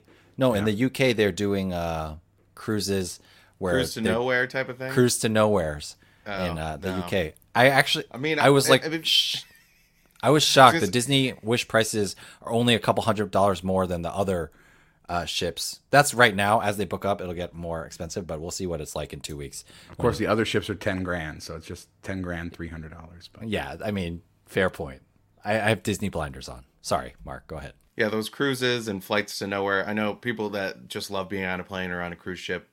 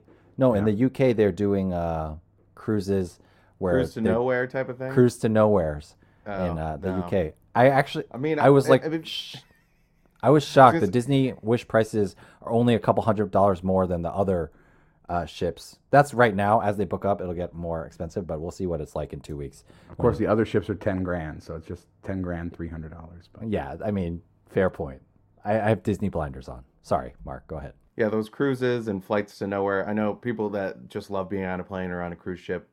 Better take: first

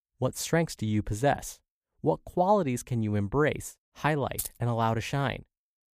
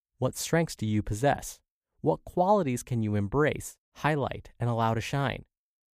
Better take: second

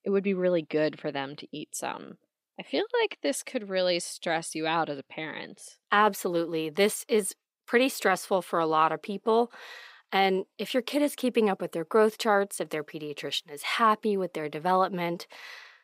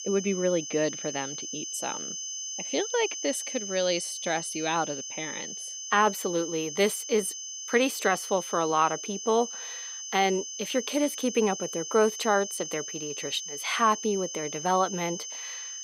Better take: first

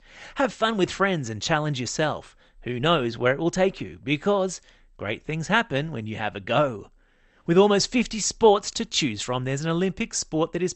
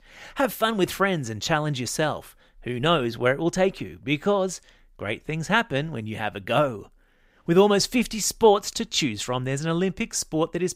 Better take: second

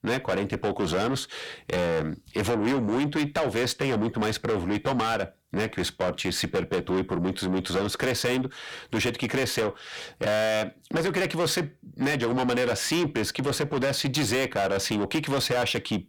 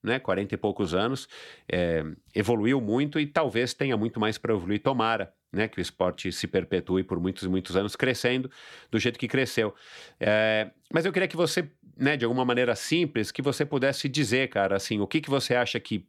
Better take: second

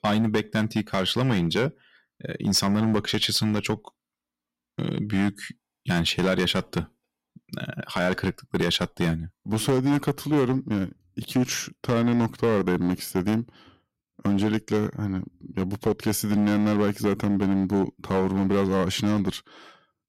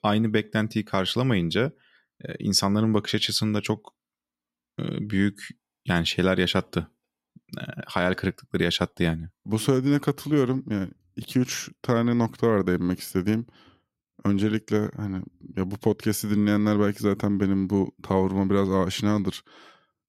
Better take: second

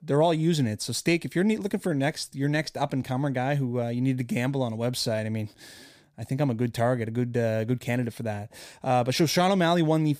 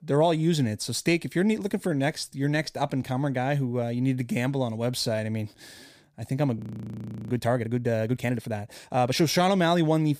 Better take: first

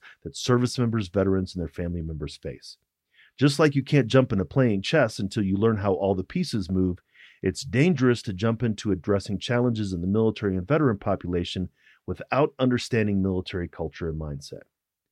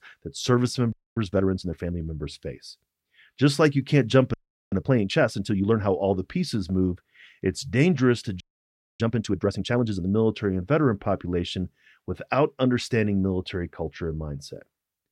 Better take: first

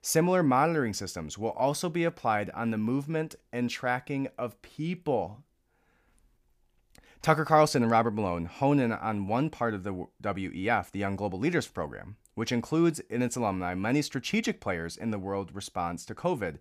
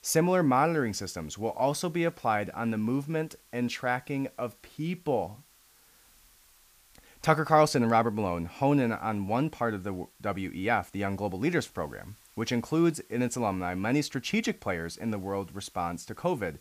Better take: first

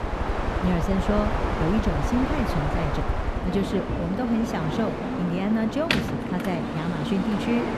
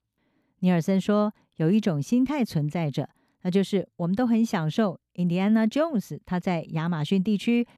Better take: second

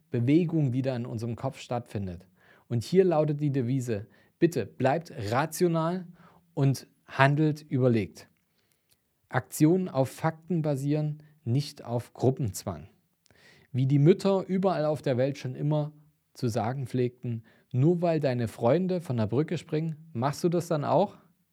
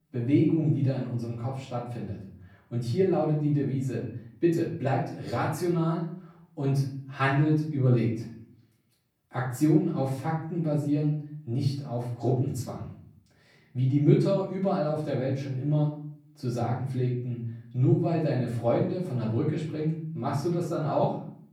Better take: first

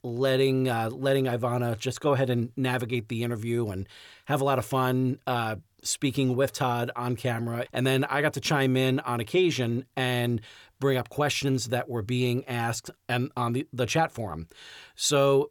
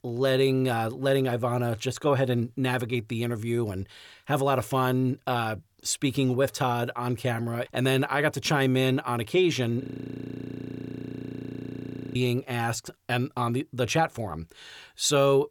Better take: first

